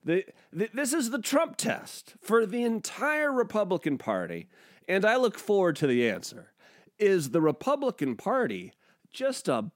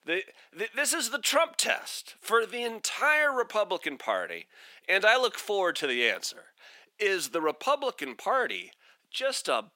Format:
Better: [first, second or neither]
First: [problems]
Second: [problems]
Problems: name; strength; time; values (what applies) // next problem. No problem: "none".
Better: first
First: none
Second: thin; very; fading below 650 Hz